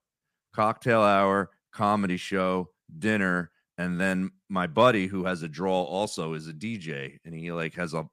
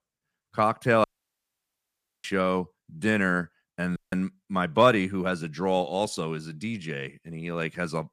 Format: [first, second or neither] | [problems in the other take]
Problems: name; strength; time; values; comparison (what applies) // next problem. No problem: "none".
first | audio cutting out; at 1 s for 1 s and at 4 s